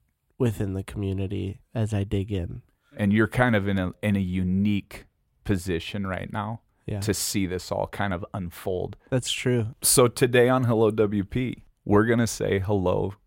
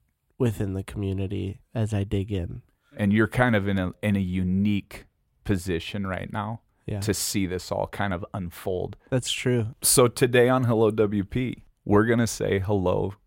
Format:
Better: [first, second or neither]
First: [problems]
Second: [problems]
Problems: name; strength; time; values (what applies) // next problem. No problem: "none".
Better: neither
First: none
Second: none